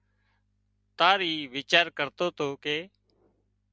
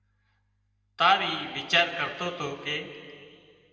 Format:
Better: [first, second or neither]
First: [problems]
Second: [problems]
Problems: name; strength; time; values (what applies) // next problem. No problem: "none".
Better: first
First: none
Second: room echo; dies away in 2.4 s